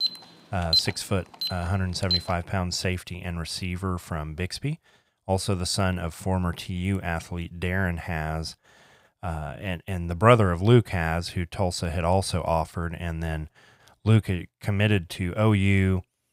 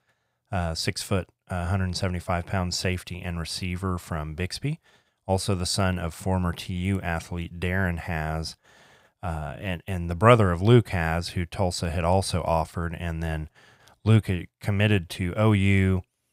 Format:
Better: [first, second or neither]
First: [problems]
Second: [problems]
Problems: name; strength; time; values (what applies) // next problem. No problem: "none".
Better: second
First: alarm; loud; until 2.5 s; peak 4 dB above the speech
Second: none